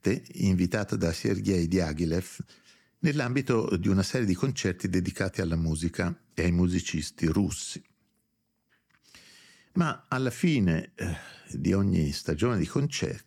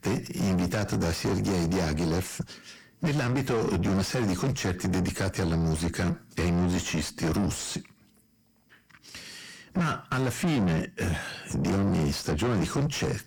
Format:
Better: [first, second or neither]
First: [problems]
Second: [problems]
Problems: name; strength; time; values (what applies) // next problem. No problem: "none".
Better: first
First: none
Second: distortion; heavy; 5 dB below the speech